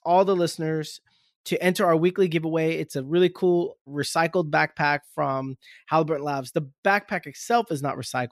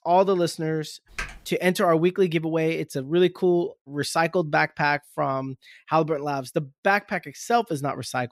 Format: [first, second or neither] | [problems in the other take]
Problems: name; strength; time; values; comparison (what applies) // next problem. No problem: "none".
first | keyboard typing; faint; at 1 s; peak 10 dB below the speech